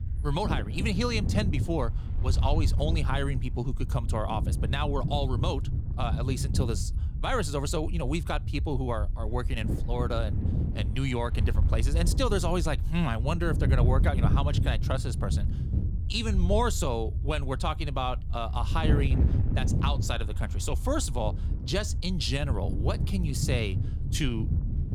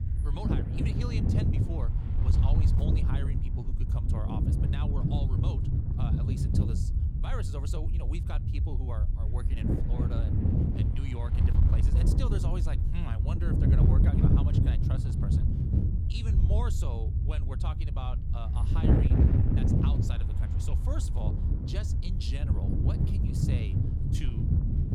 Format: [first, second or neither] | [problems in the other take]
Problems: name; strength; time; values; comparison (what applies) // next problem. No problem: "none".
first | wind noise on the microphone; heavy; 4 dB above the speech; occasional gusts in the first